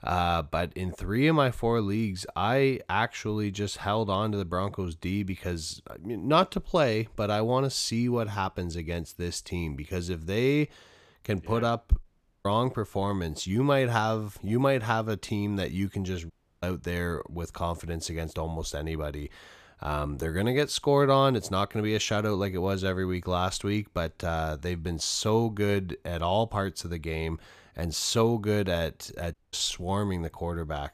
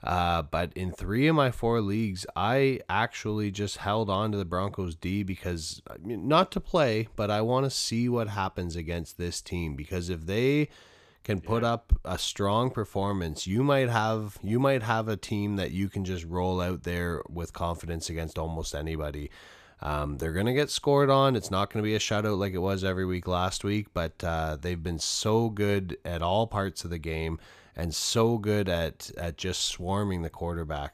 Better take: second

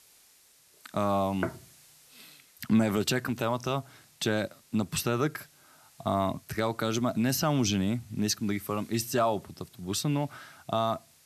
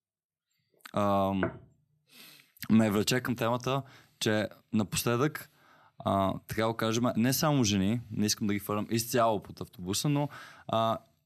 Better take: second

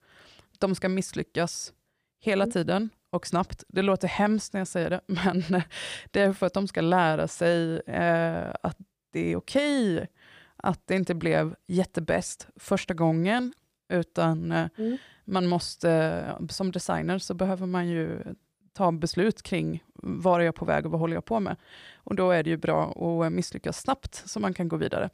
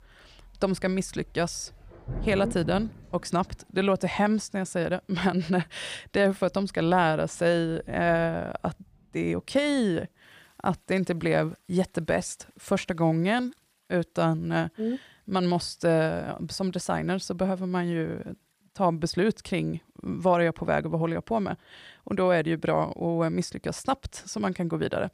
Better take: first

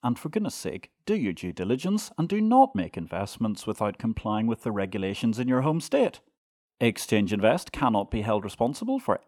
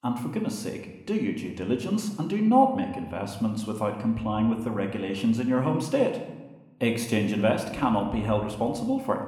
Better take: first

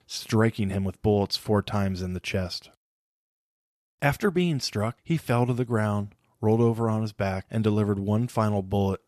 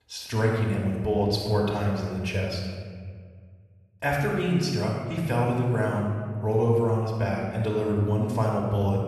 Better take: first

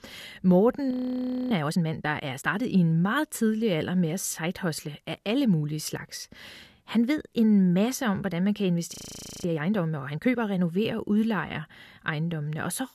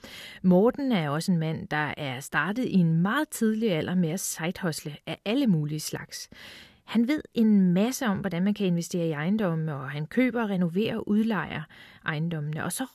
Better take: second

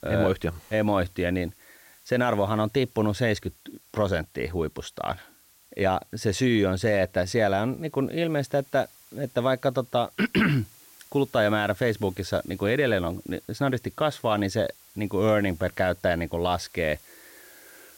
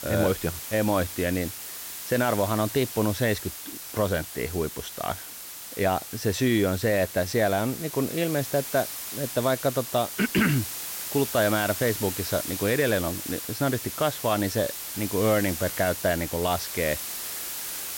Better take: first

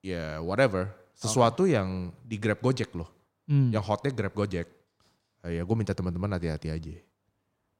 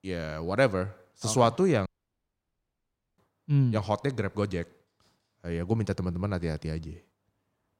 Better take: first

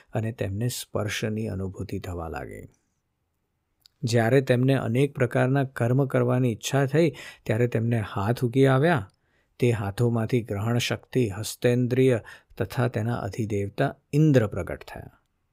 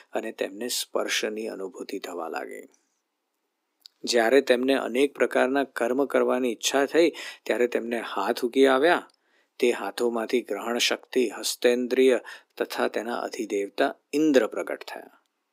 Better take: first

